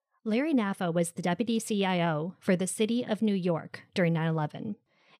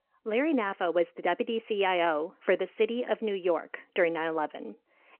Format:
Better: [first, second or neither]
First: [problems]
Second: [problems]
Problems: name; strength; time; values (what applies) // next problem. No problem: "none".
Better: first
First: none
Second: phone-call audio; nothing above 3 kHz